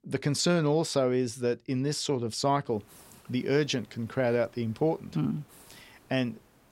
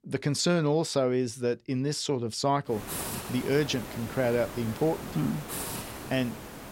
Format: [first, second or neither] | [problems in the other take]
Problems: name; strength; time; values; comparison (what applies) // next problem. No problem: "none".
first | hiss; loud; from 2.5 s on; 9 dB below the speech; faint in the first